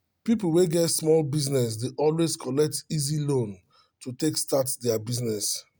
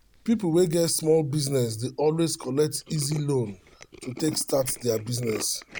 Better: first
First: none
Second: background sound (Tools); 19 dB below the speech

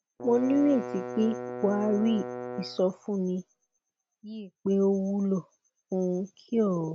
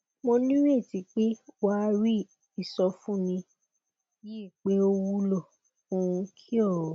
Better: second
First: background sound (Bowed string instrument); 9 dB below the speech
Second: none

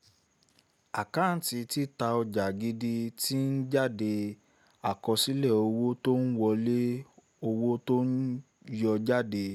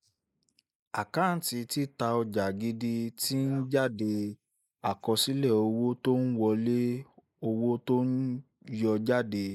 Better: first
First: none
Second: noise reduction (neural mask model Resemble Enhance denoiser)

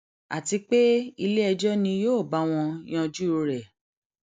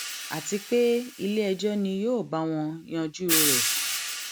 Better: first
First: none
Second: background sound (Hi-hat); 3 dB below the speech

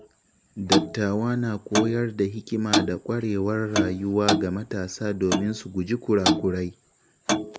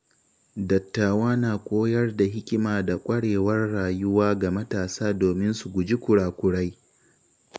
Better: second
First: background sound (Clock); 2 dB below the speech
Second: none

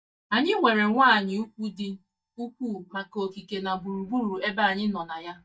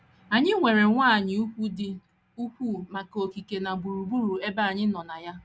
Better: second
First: noise reduction (neural mask model DeepFilterNet 3)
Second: none

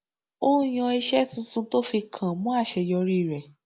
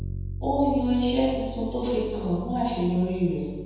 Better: first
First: none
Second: background sound (Bass guitar); 10 dB below the speech // room echo; dies away in 1.2 s

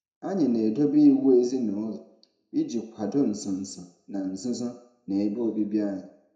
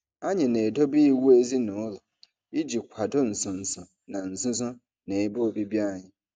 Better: second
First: room echo; dies away in 0.5 s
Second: none

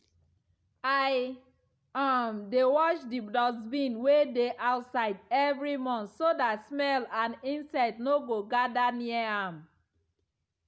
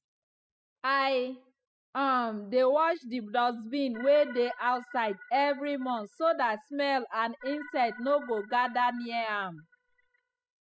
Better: first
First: none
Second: noise reduction (classical method spectral subtraction)

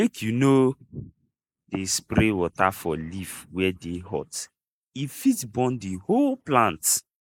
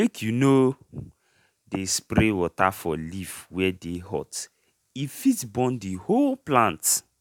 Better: second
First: noise reduction (neural mask model Resemble Enhance denoiser)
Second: none

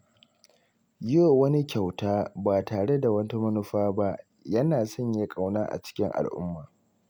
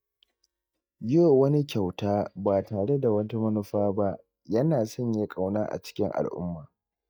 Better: first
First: none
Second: noise reduction (neural mask model DeepFilterNet 3)

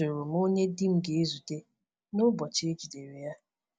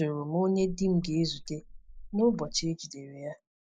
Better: first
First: none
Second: noise reduction (neural mask model Resemble Enhance denoiser)

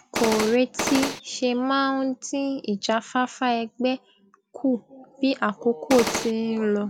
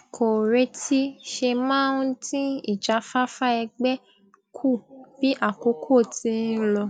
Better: second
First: background sound (Gunshot, gunfire); 2 dB below the speech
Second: none

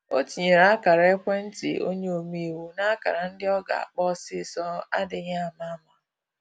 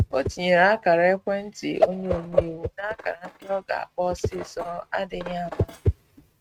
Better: first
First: none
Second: noise reduction (neural mask model RNNoise)

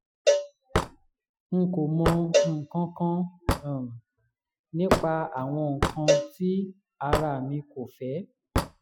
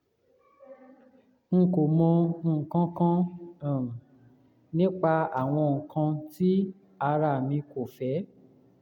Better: second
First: noise reduction (classical method Wiener filter)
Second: none

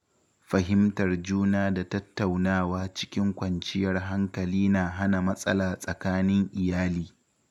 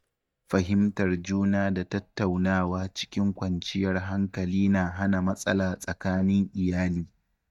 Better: first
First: none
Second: noise reduction (neural mask model DeepFilterNet 3)

